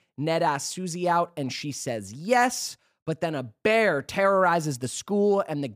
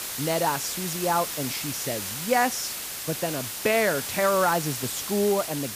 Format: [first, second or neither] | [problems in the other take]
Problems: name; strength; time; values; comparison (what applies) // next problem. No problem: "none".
first | hiss; loud; throughout; 4 dB below the speech